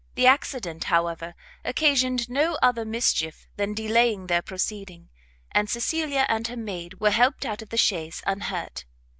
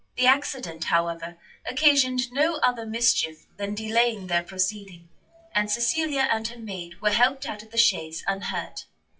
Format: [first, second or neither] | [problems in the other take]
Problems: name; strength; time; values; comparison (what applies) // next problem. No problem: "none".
first | noise reduction (classical method WPE with log-MMSE)